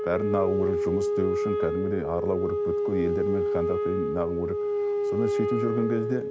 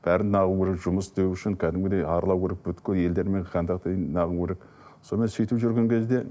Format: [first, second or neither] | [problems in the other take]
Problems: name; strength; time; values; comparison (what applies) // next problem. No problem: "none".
second | background sound (Wind instrument, woodwind instrument); 3 dB above the speech